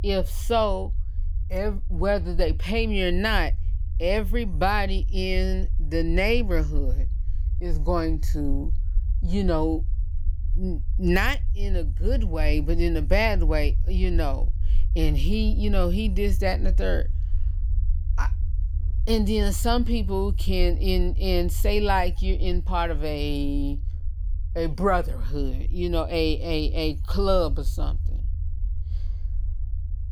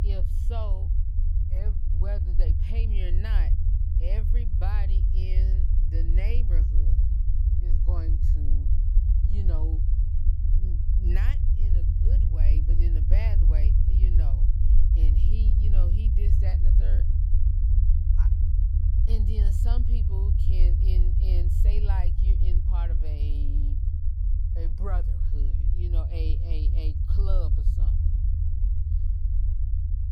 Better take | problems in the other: first | low rumble; loud; throughout; as loud as the speech; faint in the first

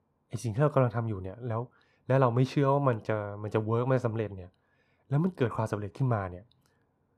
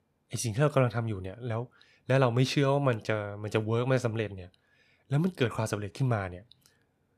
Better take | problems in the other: second | muffled; slightly; fading above 1.5 kHz

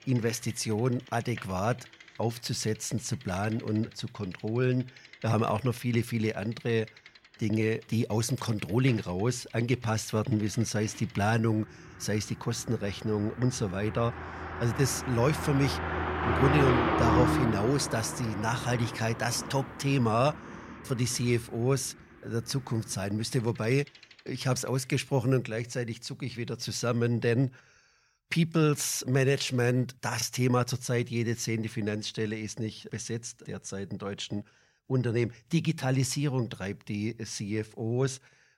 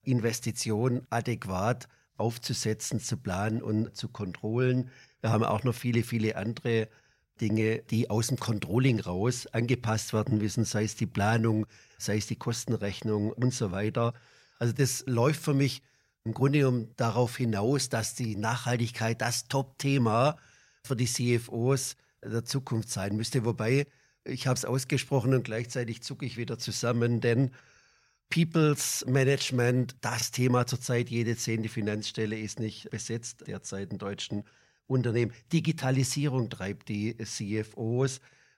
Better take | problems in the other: second | traffic noise; loud; until 25 s; 3 dB below the speech

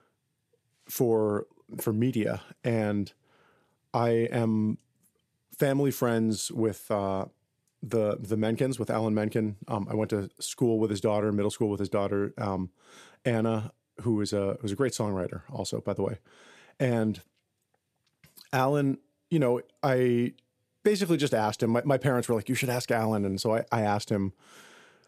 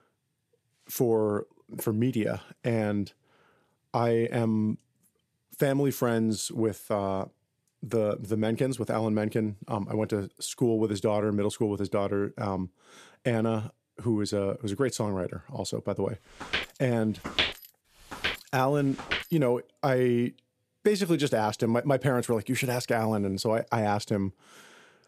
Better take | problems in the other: first | footsteps; loud; from 16 to 19 s; peak 1 dB above the speech

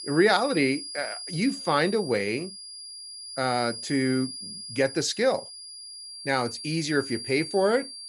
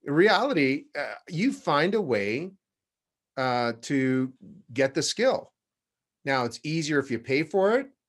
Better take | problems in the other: second | high-pitched whine; loud; throughout; 5 kHz, 10 dB below the speech

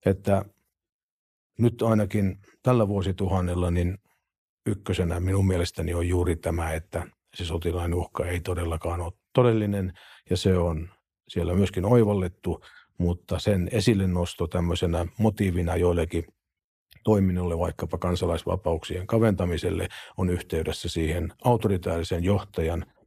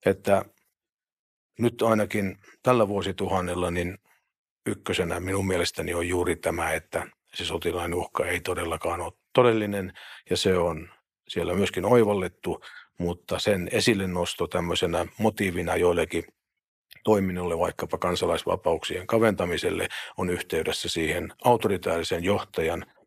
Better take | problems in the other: first | thin; somewhat; fading below 900 Hz

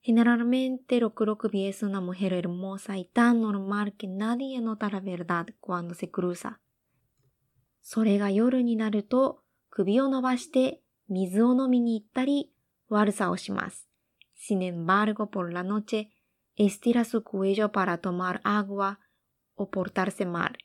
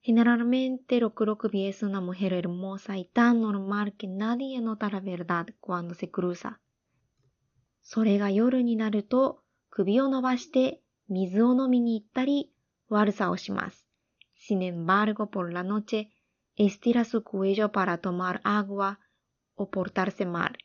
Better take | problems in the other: first | garbled, watery; slightly; nothing above 6.5 kHz

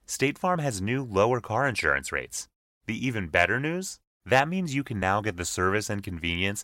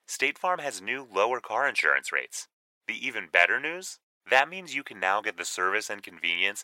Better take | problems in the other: first | thin; very; fading below 500 Hz

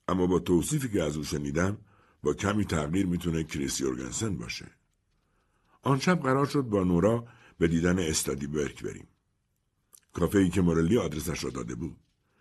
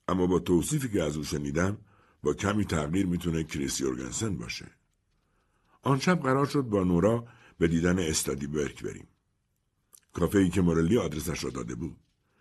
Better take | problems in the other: neither | none

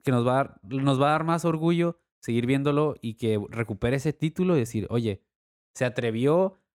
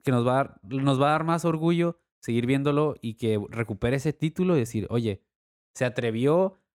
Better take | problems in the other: neither | none

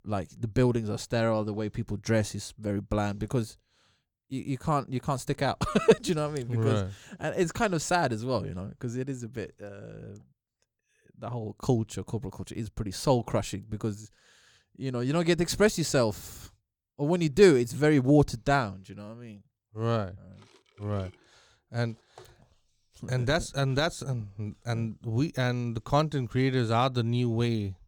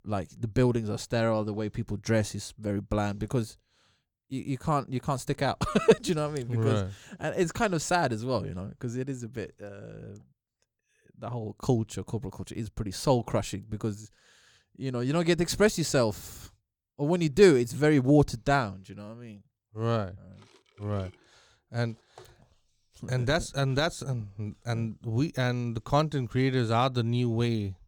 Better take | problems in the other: neither | none

